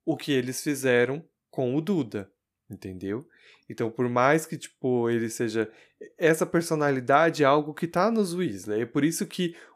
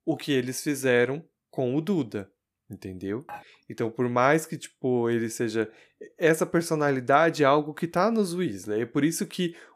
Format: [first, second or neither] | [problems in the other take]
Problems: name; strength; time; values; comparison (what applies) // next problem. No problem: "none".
first | clattering dishes; faint; at 3.5 s; peak 20 dB below the speech